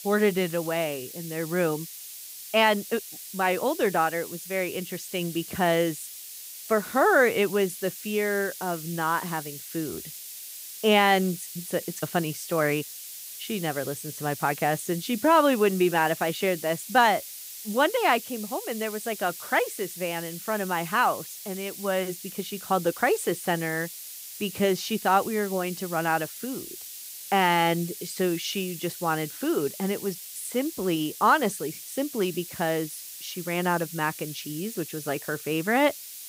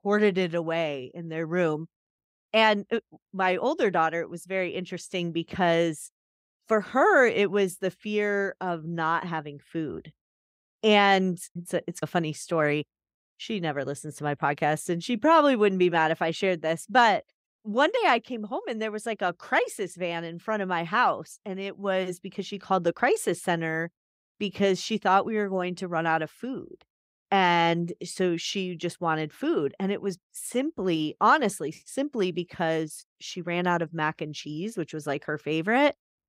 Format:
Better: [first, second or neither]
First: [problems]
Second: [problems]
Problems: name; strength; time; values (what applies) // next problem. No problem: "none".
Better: second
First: hiss; noticeable; throughout; 10 dB below the speech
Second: none